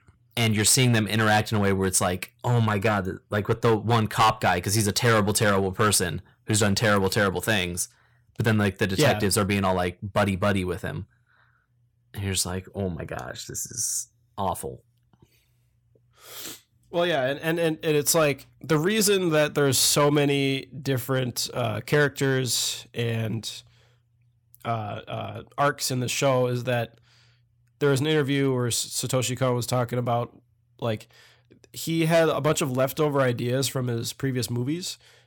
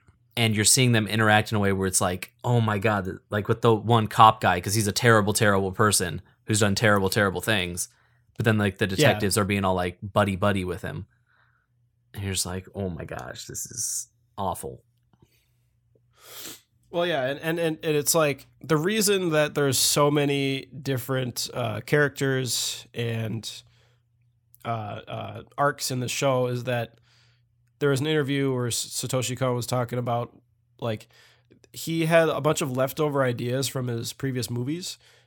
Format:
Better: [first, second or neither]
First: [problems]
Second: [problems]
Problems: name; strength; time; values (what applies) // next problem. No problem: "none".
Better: second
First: distortion; slight; 3% of the sound clipped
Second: none